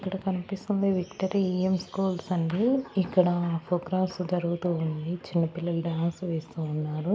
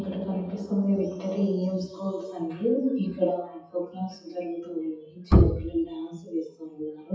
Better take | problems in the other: first | noise reduction (classical method WPE with log-MMSE)

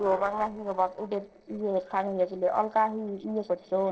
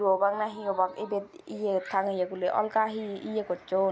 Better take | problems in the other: second | noise reduction (neural separator model SepFormer DNS4)

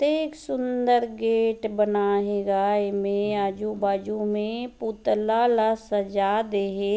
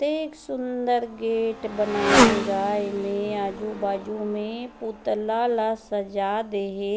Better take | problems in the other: first | background sound (Motorcycle); 2 dB below the speech

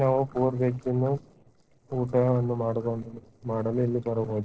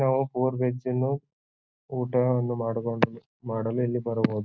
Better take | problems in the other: second | noise reduction (neural separator model SepFormer DNS4)

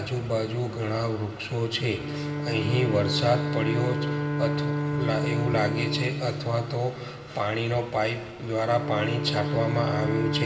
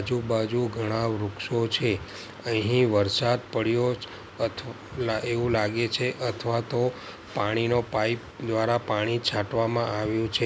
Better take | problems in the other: second | background sound (Bowed string instrument); 3 dB below the speech // room echo; dies away in 1.7 s

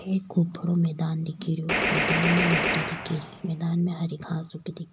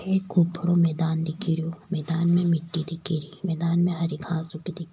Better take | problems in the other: second | background sound (Gunshot, gunfire); 1 dB above the speech

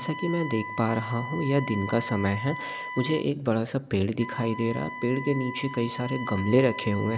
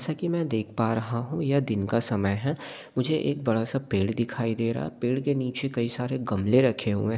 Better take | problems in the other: second | background sound (Wind instrument, woodwind instrument); 10 dB below the speech

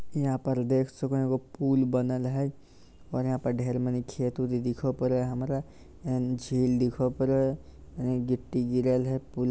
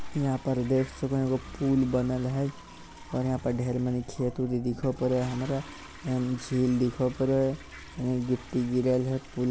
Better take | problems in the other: first | background sound (Toilet flush + Motorcycle / Dog); 17 dB below the speech

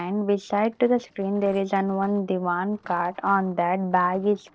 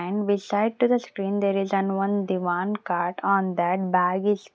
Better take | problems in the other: second | noise reduction (neural separator model SepFormer DNS4)

